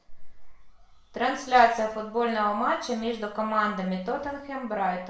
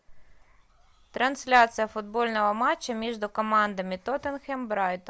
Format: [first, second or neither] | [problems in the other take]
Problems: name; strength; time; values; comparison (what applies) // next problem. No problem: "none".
second | room echo; dies away in 0.5 s